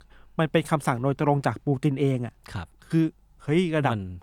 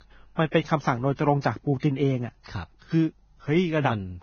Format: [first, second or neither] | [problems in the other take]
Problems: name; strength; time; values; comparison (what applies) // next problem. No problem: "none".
first | garbled, watery; badly; nothing above 6.5 kHz